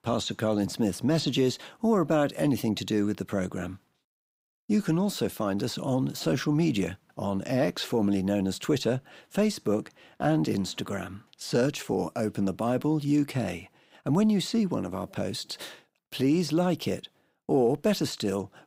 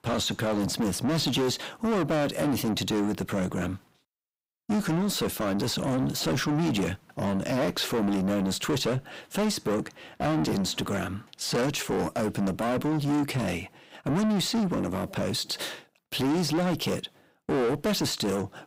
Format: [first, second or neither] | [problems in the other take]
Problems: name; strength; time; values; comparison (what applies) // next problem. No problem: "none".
first | distortion; heavy; 7 dB below the speech